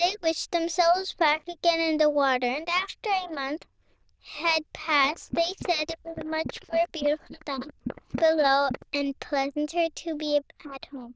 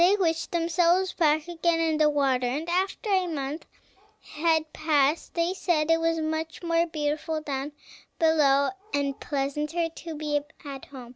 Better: second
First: noise reduction (neural diffusion model UNIVERSE++)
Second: none

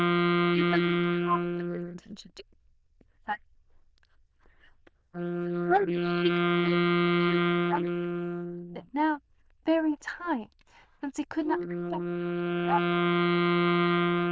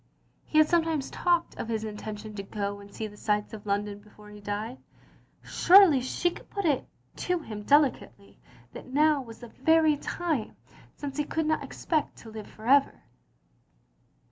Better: second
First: noise reduction (neural diffusion model UNIVERSE++)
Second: none

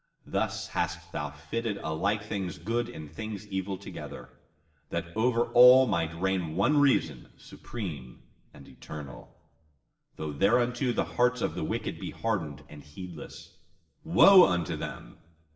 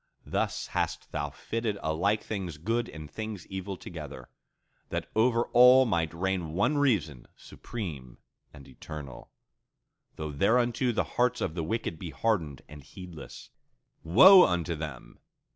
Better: second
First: room echo; dies away in 0.9 s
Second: none

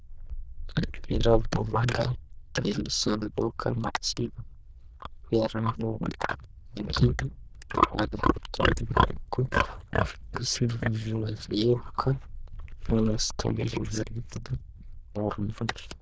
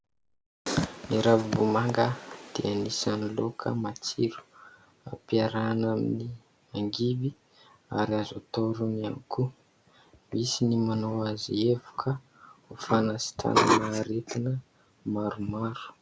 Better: second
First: noise reduction (neural diffusion model UNIVERSE++)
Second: none

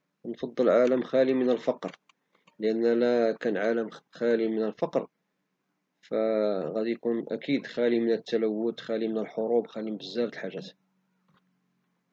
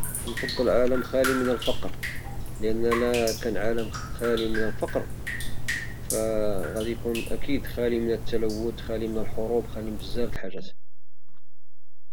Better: first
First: none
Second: background sound (Drip); 2 dB above the speech

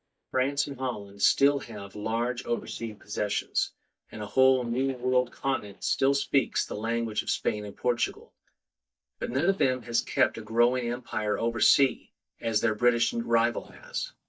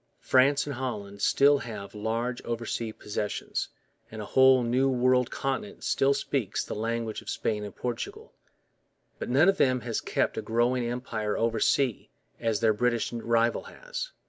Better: second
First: noise reduction (neural mask model DeepFilterNet 3)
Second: none

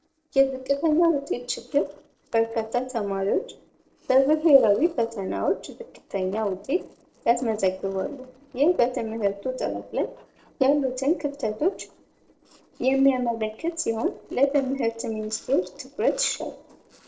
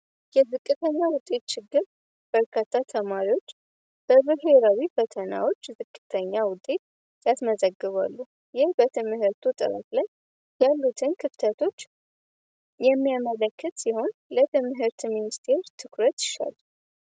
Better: second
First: noise reduction (neural separator model SepFormer DNS4)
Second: none

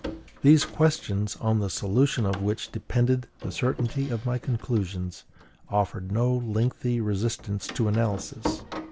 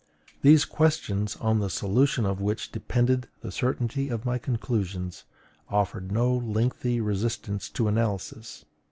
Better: second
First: background sound (Door); 15 dB below the speech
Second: none

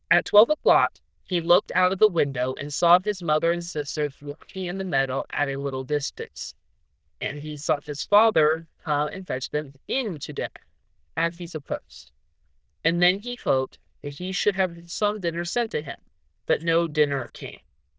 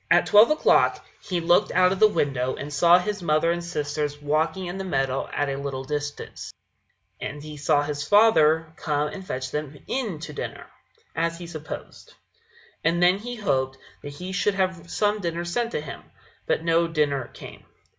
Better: second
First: noise reduction (neural diffusion model UNIVERSE++)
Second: none

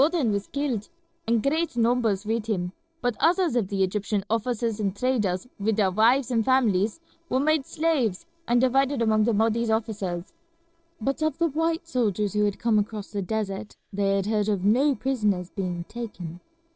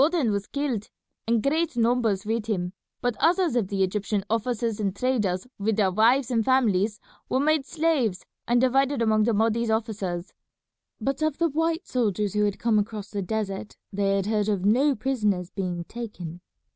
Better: second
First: noise reduction (neural separator model SepFormer DNS4)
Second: none

